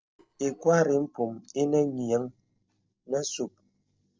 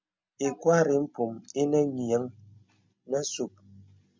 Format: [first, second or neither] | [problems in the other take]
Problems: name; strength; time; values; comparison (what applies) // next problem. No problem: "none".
second | noise reduction (neural separator model SepFormer DNS4)